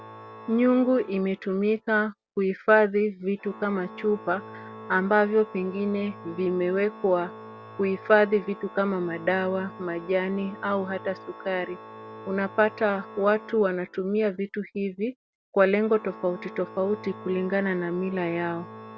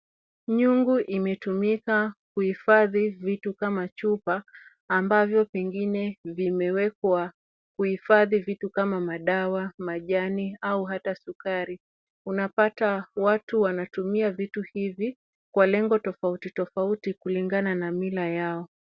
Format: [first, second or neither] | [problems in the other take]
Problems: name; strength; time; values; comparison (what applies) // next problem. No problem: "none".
second | background sound (Organ); 18 dB below the speech